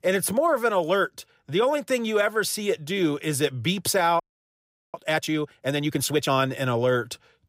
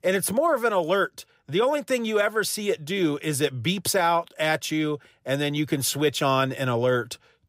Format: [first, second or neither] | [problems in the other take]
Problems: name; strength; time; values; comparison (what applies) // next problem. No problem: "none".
second | audio freezing; at 4 s for 0.5 s